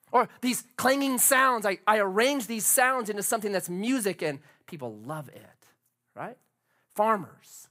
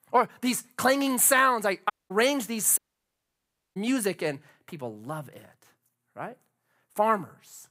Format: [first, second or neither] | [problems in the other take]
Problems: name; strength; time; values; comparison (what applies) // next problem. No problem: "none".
first | audio cutting out; at 2 s and at 3 s for 1 s